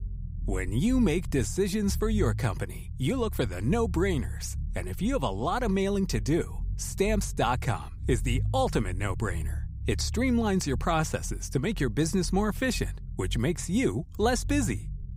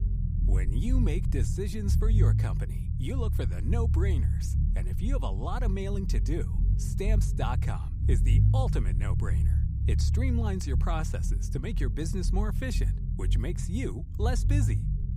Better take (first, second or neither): first